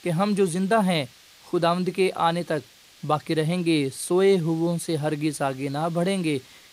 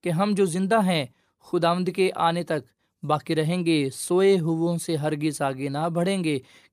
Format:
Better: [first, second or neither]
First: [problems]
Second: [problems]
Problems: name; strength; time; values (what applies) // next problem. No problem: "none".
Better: second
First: hiss; faint; throughout; 25 dB below the speech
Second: none